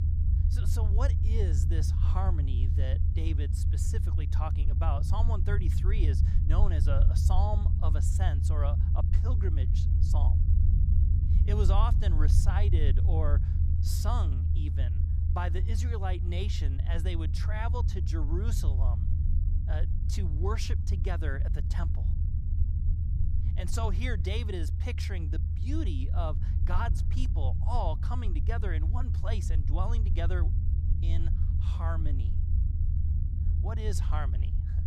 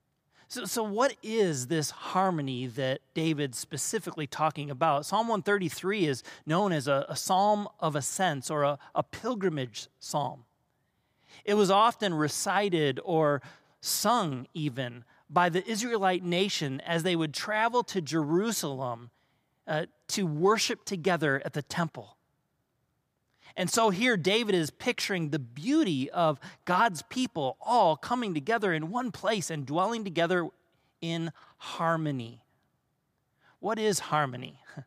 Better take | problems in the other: second | low rumble; loud; throughout; 5 dB below the speech

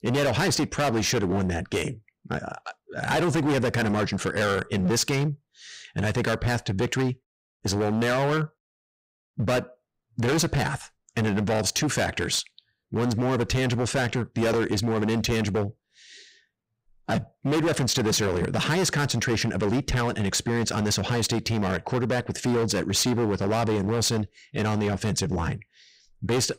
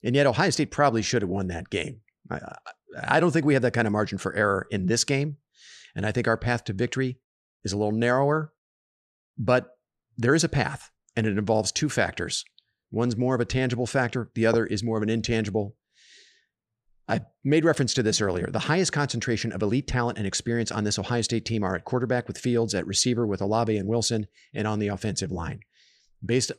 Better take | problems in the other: second | distortion; heavy; 18% of the sound clipped

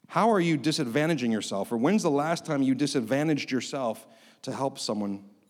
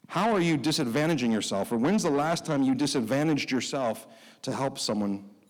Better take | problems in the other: first | distortion; slight; 10 dB below the speech

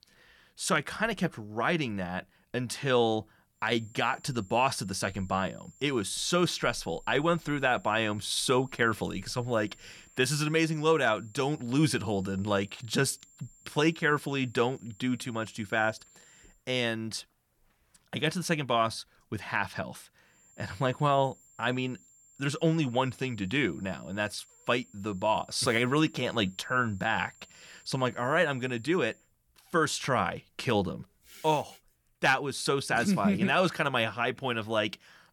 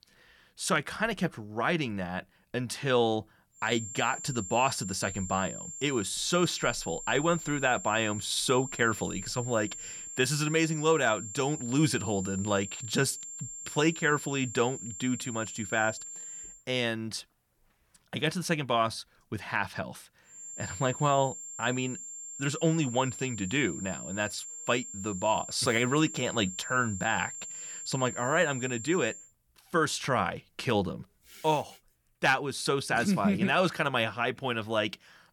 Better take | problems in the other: first | high-pitched whine; loud; from 3.5 to 17 s and from 20 to 29 s; 7.5 kHz, 9 dB below the speech; faint in the first

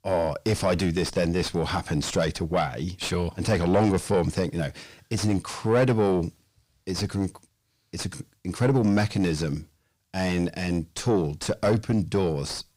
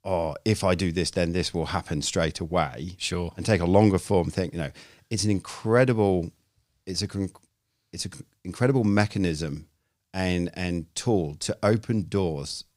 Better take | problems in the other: second | distortion; heavy; 6 dB below the speech

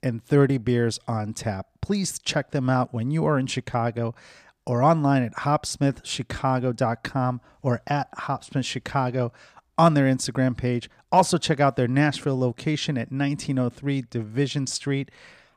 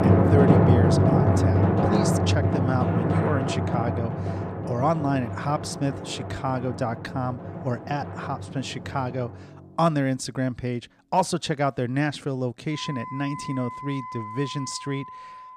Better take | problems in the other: first | background music; very loud; throughout; 4 dB above the speech

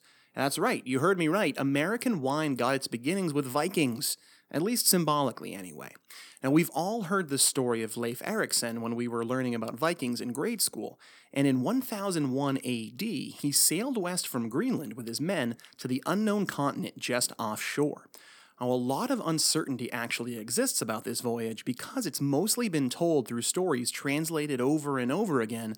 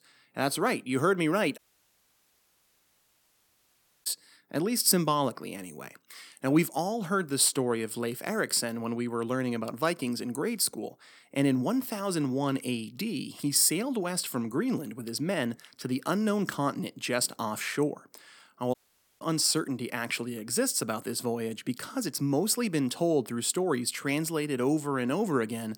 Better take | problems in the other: first | audio cutting out; at 1.5 s for 2.5 s and at 19 s

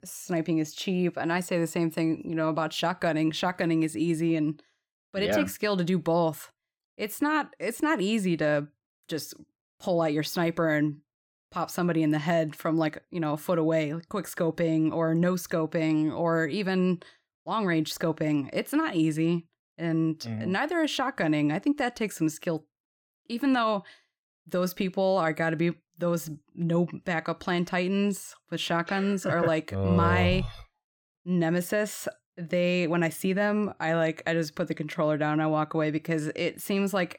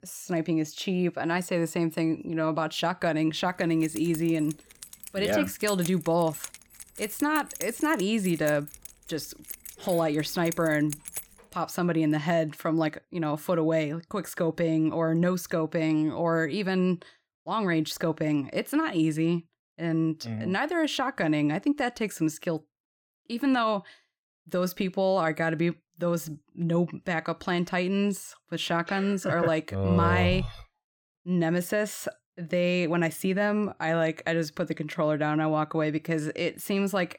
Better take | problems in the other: first | jangling keys; noticeable; from 3.5 to 12 s; peak 8 dB below the speech

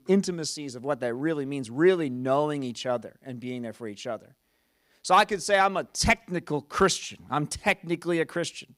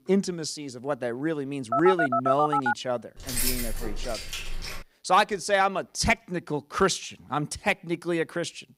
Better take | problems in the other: first | phone ringing; loud; from 1.5 to 2.5 s; peak 2 dB above the speech // jangling keys; loud; from 3 to 5 s; peak 1 dB above the speech

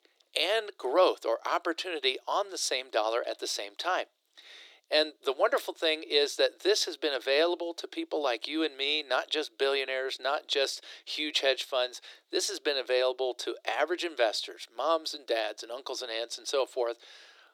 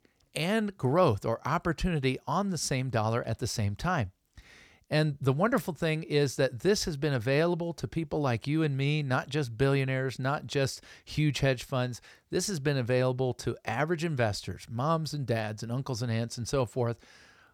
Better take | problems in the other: second | thin; very; fading below 300 Hz

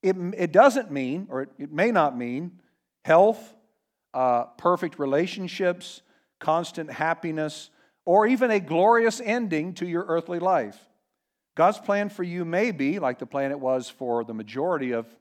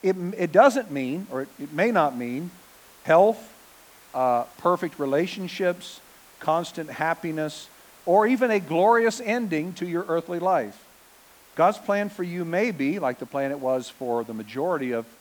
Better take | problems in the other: first | hiss; faint; throughout; 25 dB below the speech

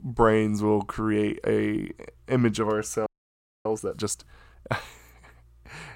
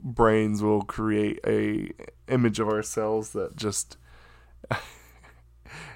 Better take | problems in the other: second | audio freezing; at 3 s for 0.5 s

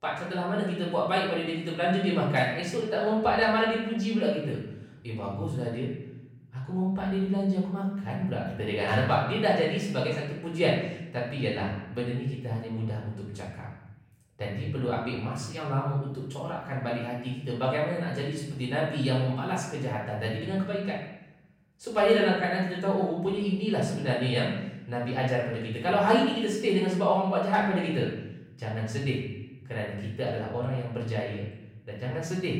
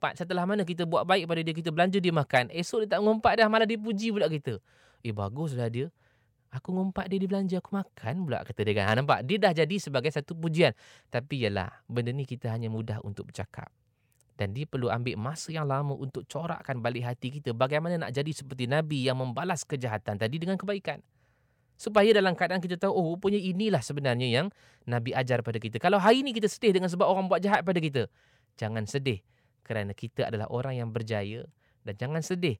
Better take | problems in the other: second | room echo; noticeable; dies away in 0.9 s // off-mic speech; far

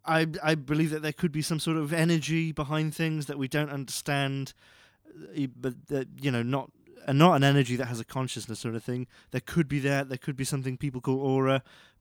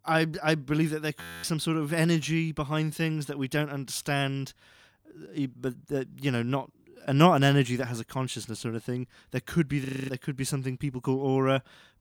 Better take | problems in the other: first | audio freezing; at 1 s and at 10 s

